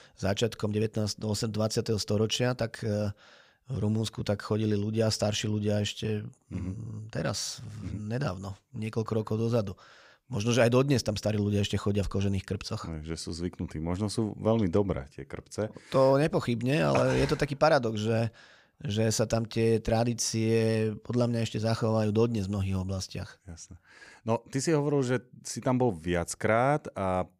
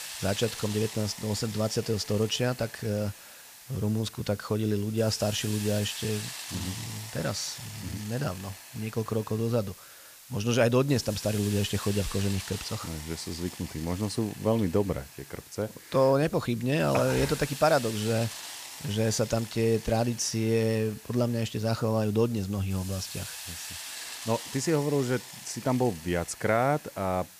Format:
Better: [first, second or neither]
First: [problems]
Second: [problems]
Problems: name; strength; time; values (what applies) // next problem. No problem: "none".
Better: first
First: none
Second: hiss; noticeable; throughout; 10 dB below the speech